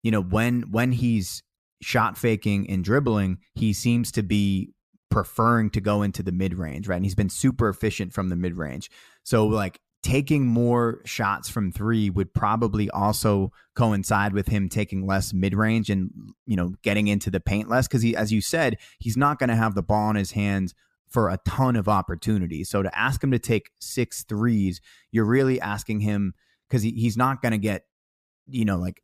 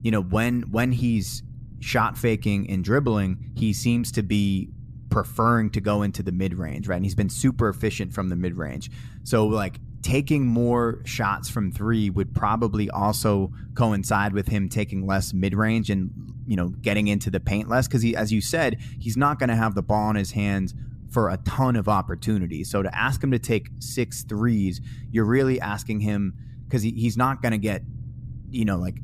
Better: first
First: none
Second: low rumble; faint; throughout; 25 dB below the speech

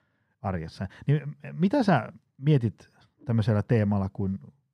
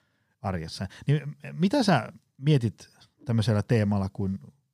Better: second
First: muffled; slightly; fading above 3 kHz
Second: none

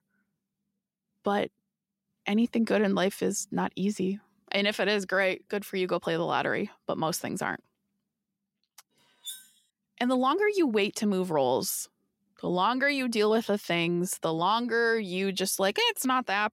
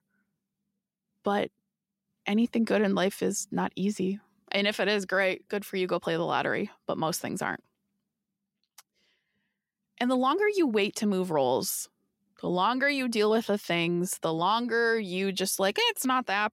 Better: second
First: clattering dishes; faint; at 9.5 s; peak 15 dB below the speech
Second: none

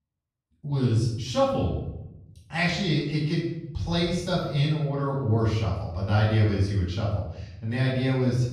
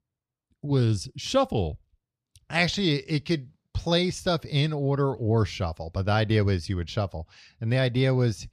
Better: second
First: off-mic speech; far // room echo; noticeable; dies away in 0.8 s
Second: none

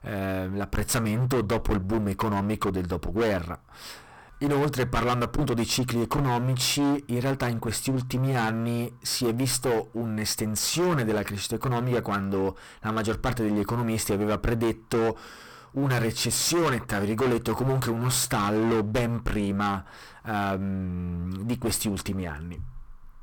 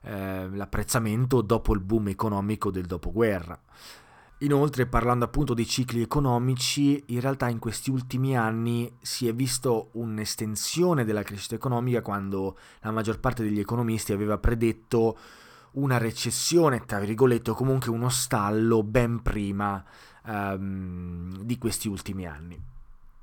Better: second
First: distortion; heavy; 20% of the sound clipped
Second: none

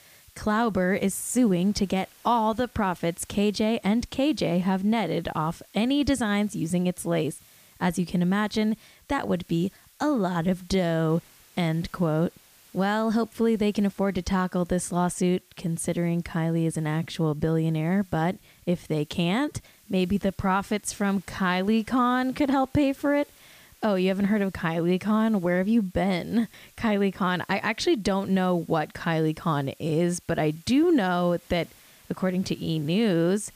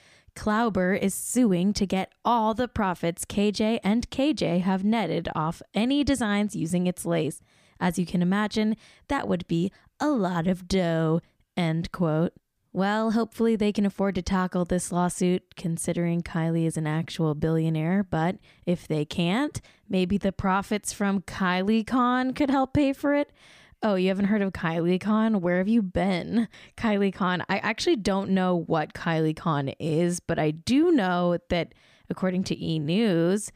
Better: second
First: hiss; faint; throughout; 30 dB below the speech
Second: none

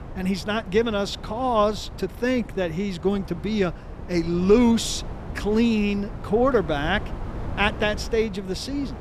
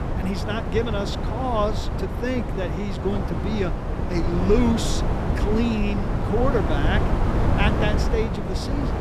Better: first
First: wind noise on the microphone; occasional gusts; 15 dB below the speech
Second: wind noise on the microphone; heavy; 2 dB below the speech

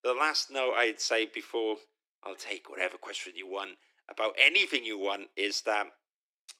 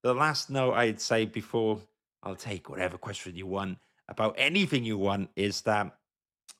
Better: second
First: thin; very; fading below 300 Hz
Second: none

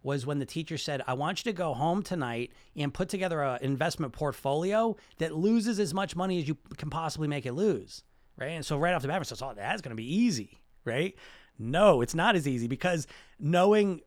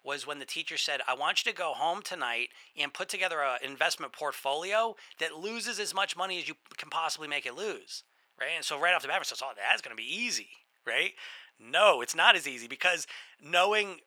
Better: first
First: none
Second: thin; very; fading below 850 Hz

